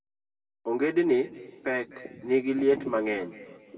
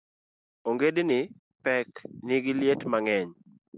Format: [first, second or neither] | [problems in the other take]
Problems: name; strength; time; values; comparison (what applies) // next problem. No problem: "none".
second | room echo; dies away in 1.7 s